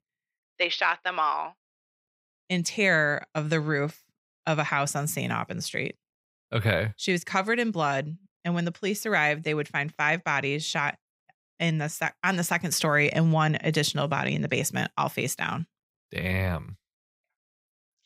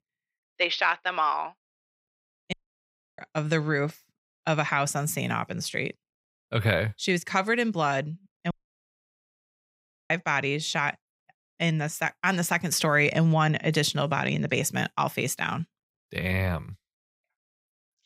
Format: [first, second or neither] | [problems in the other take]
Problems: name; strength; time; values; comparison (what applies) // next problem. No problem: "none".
first | audio cutting out; at 2.5 s for 0.5 s and at 8.5 s for 1.5 s